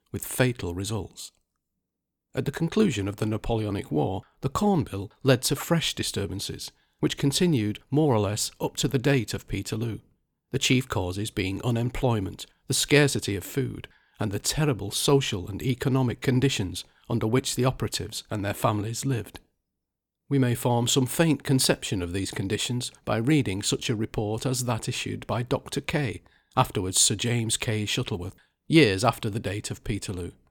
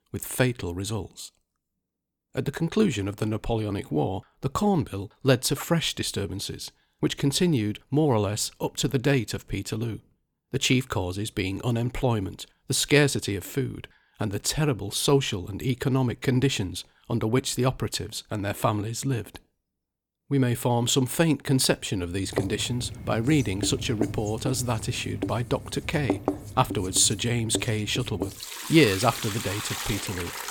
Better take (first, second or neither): first